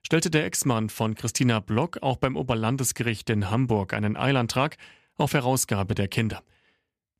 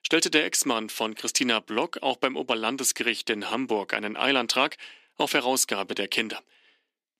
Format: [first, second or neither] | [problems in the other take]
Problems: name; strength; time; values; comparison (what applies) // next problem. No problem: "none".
first | thin; somewhat; fading below 300 Hz